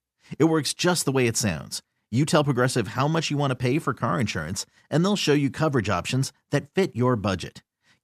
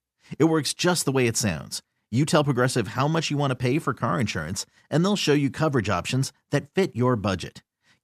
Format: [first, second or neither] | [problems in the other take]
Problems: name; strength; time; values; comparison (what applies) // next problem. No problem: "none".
neither | none